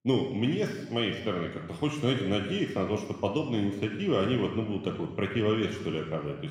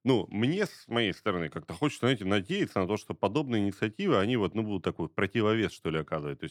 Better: second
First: room echo; noticeable; dies away in 1.1 s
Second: none

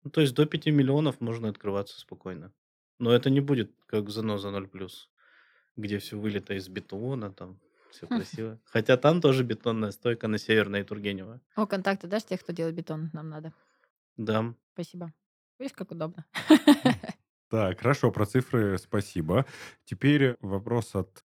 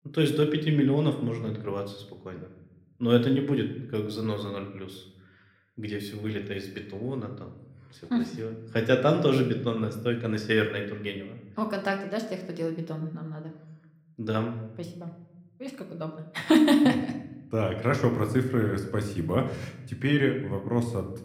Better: first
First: none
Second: room echo; slight; dies away in 0.7 s

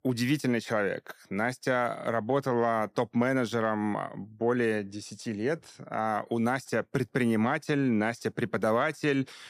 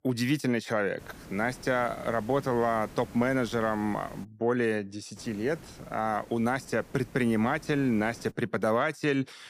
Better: first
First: none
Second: hiss; noticeable; from 1 to 4 s and from 5 to 8.5 s; 20 dB below the speech

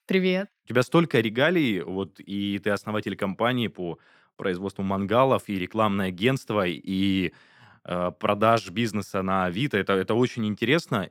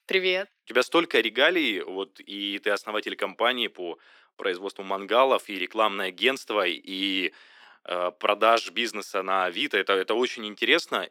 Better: first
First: none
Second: thin; somewhat; fading below 300 Hz

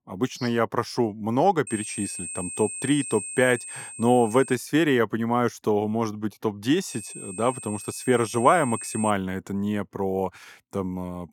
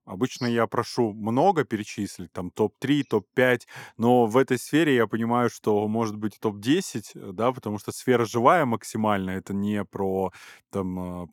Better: second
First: high-pitched whine; loud; from 1.5 to 4.5 s and from 7 to 9 s; 8.5 kHz, 9 dB below the speech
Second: none

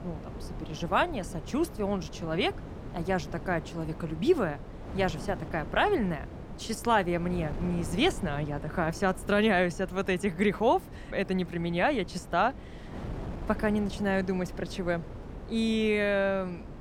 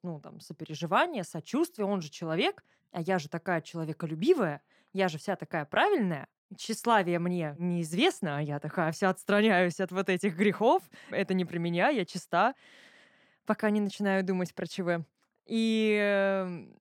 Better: second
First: wind noise on the microphone; occasional gusts; 15 dB below the speech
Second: none

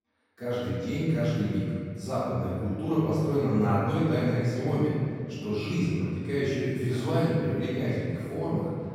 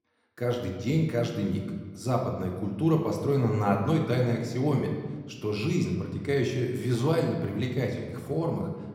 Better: second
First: room echo; strong; dies away in 2.3 s // off-mic speech; far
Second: room echo; slight; dies away in 1.2 s // off-mic speech; somewhat distant

